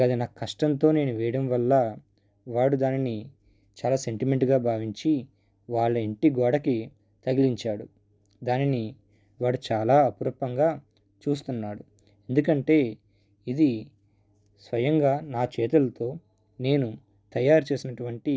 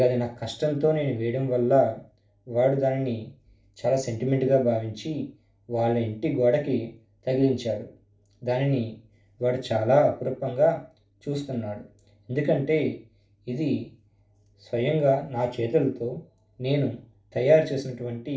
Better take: first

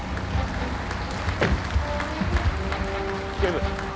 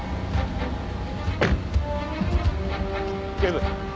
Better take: second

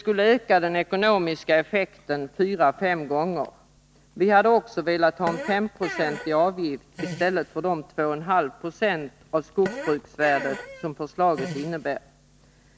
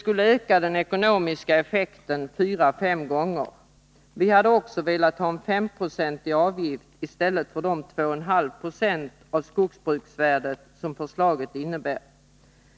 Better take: second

